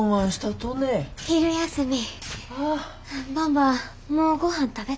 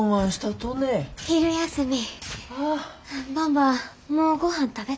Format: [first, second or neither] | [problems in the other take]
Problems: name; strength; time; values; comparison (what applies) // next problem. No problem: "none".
second | background sound (Bus); 20 dB below the speech